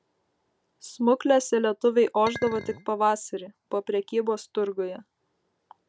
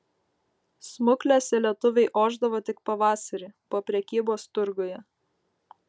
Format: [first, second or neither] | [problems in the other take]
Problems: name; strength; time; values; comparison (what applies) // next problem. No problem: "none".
second | background sound (Chink, clink); 13 dB below the speech